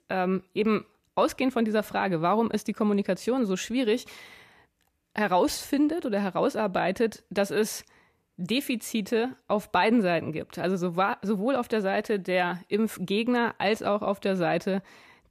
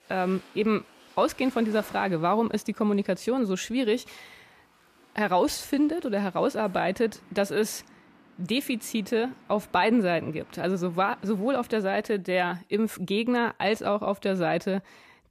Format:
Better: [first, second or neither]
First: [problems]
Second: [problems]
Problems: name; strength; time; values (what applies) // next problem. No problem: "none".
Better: first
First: none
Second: rain or running water; faint; until 12 s; 25 dB below the speech